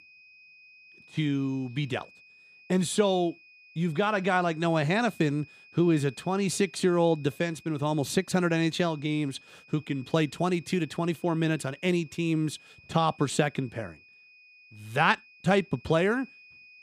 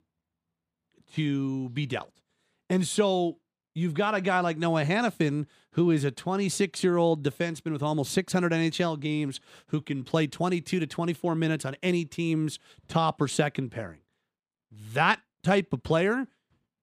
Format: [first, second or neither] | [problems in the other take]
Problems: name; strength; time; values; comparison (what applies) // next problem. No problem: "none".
second | high-pitched whine; faint; throughout; 2.5 kHz, 25 dB below the speech